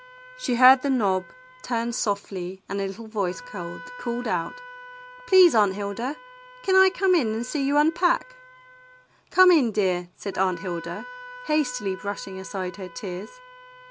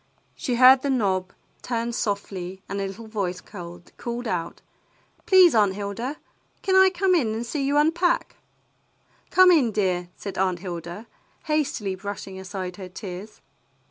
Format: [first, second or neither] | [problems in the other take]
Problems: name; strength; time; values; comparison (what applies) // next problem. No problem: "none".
second | background sound (Wind instrument, woodwind instrument); 19 dB below the speech